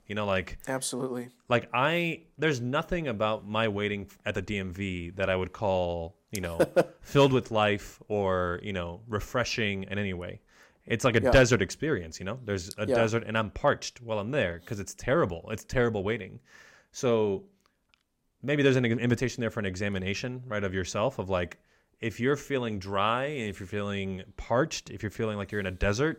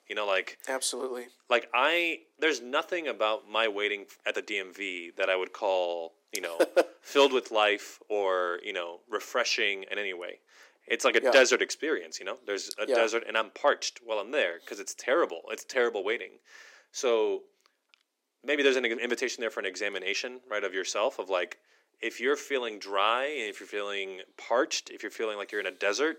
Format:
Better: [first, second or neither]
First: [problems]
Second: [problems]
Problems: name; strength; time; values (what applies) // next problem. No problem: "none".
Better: first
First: none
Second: thin; somewhat; fading below 300 Hz